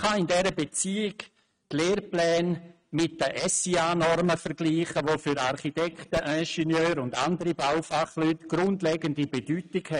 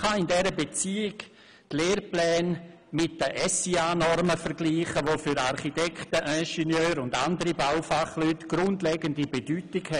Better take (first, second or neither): second